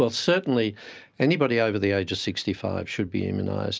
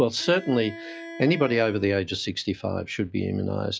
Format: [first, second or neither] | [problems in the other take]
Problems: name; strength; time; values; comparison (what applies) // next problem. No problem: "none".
first | noise reduction (classical method log-MMSE)